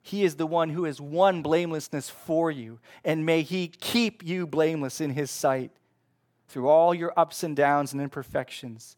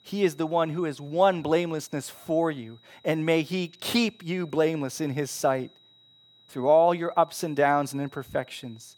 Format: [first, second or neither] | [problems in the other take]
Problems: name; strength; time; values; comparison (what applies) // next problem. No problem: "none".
first | high-pitched whine; faint; throughout; 4 kHz, 30 dB below the speech